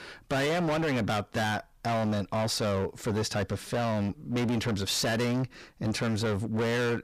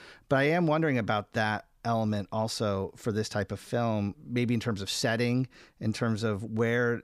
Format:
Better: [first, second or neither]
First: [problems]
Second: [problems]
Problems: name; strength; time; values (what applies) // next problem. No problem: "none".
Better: second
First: distortion; heavy; 30% of the sound clipped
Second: none